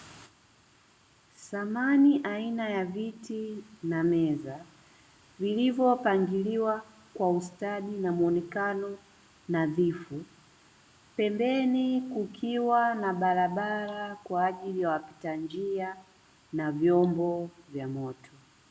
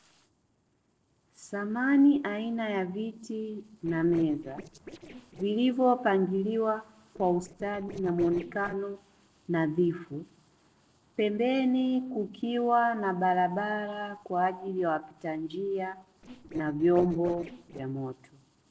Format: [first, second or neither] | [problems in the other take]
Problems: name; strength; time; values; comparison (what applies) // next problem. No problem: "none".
first | noise reduction (neural separator model SepFormer DNS4)